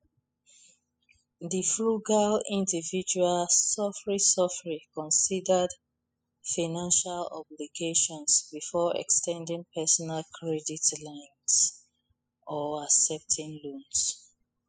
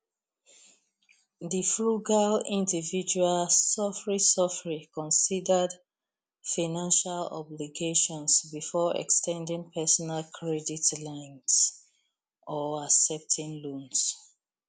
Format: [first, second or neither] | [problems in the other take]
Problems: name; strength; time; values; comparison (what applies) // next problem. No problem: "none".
second | noise reduction (classical method spectral subtraction)